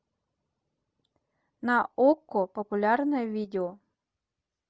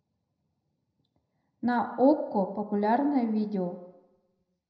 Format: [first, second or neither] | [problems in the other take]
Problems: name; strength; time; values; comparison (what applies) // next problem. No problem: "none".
first | room echo; dies away in 0.7 s